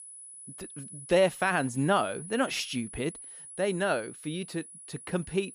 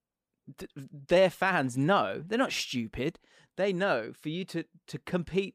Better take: second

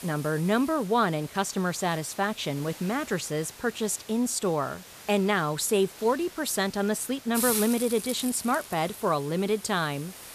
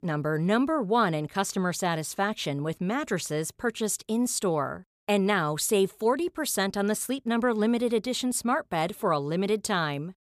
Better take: second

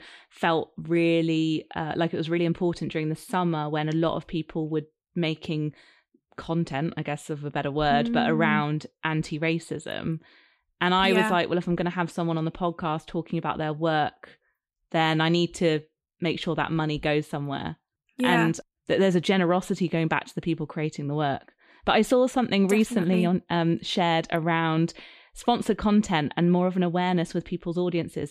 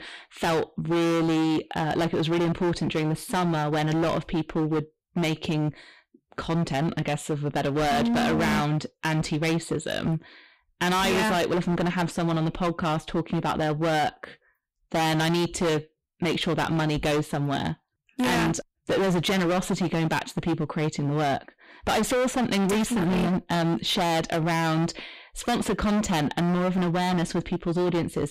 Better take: first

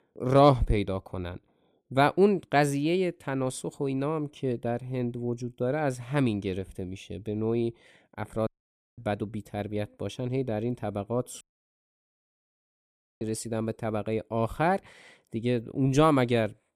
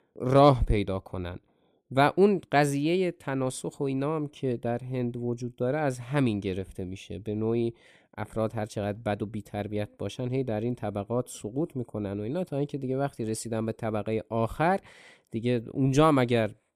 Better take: second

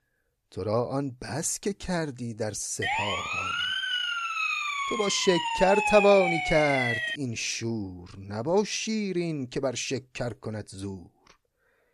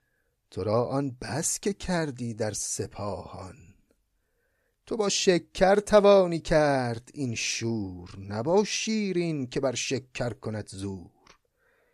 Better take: second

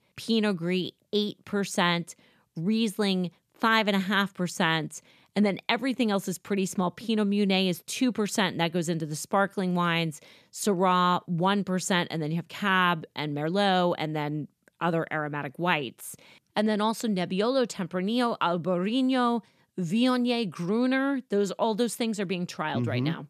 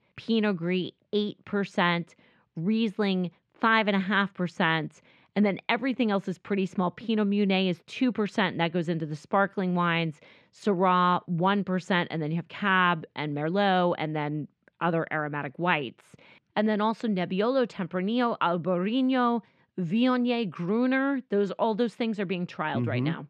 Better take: first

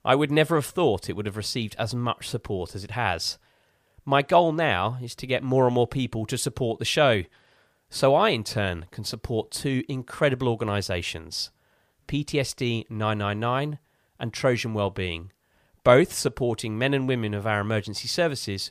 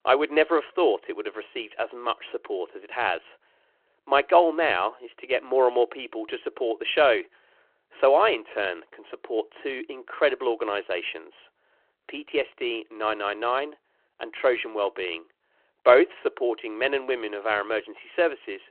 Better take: first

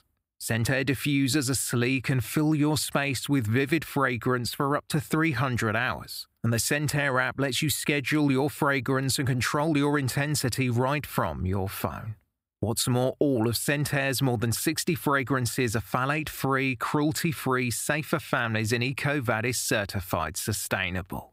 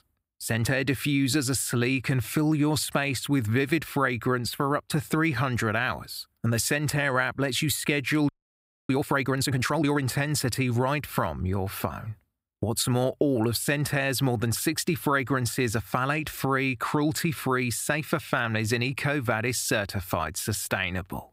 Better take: first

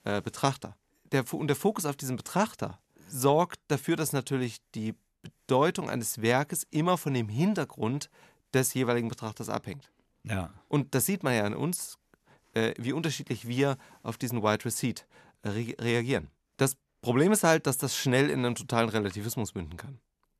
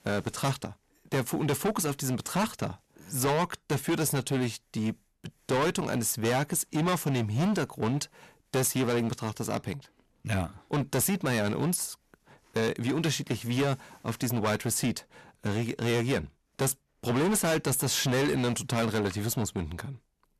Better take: first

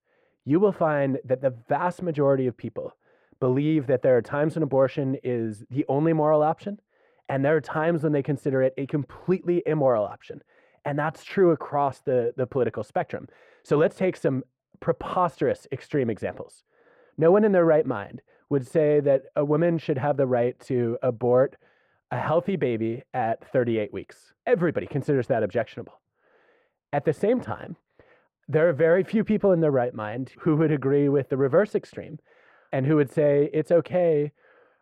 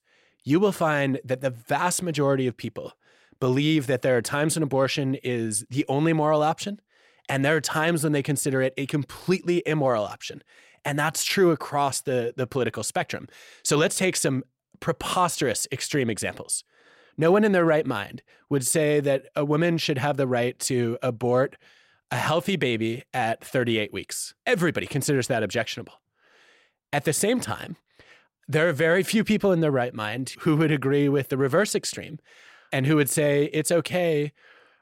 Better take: second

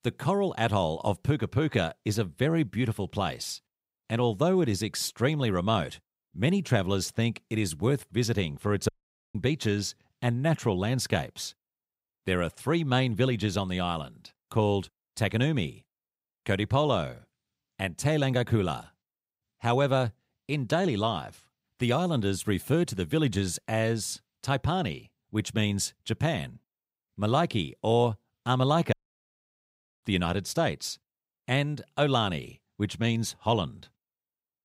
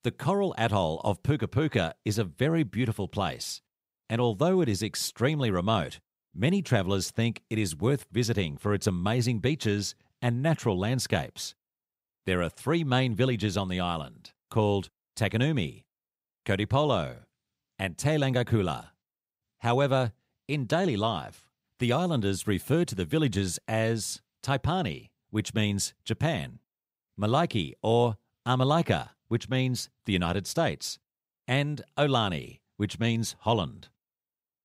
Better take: second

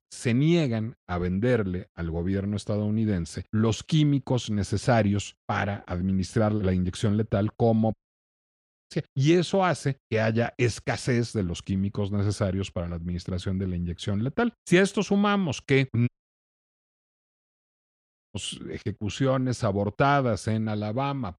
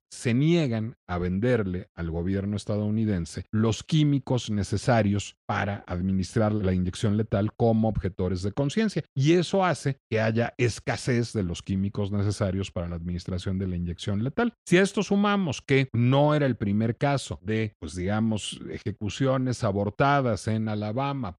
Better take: second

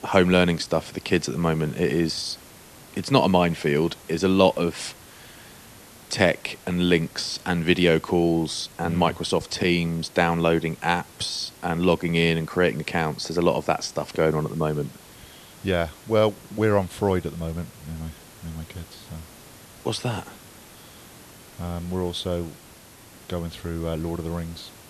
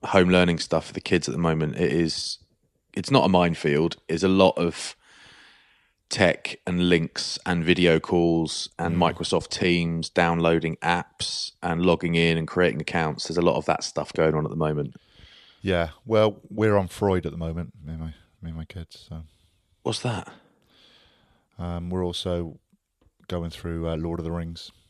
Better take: second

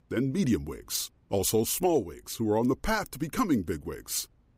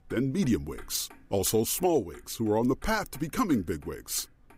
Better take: first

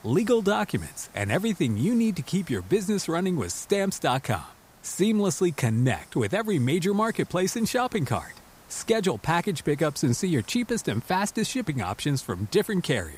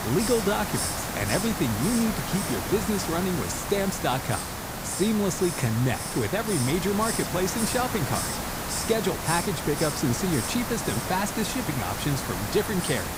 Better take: first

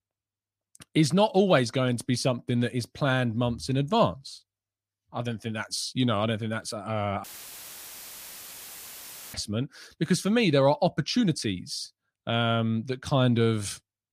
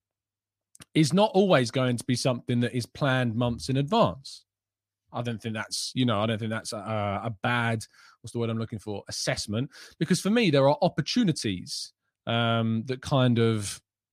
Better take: second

